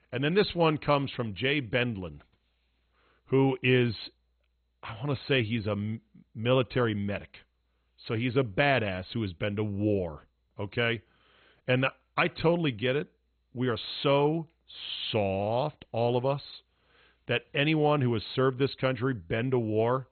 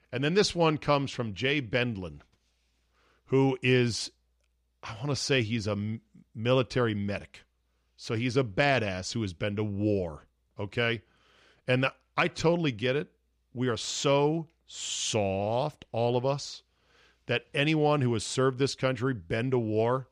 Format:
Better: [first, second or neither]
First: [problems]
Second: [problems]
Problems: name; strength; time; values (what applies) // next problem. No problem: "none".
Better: second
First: garbled, watery; badly; nothing above 4 kHz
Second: none